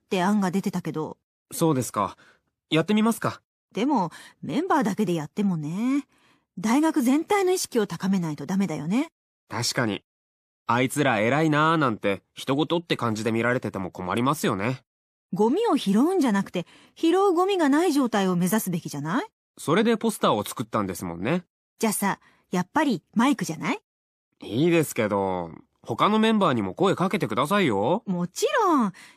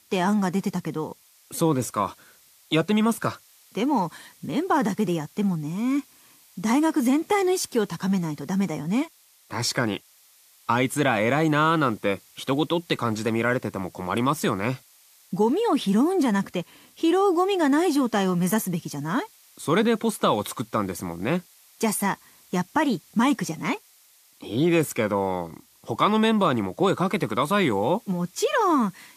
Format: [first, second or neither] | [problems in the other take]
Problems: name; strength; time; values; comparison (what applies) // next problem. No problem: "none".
first | hiss; faint; throughout; 30 dB below the speech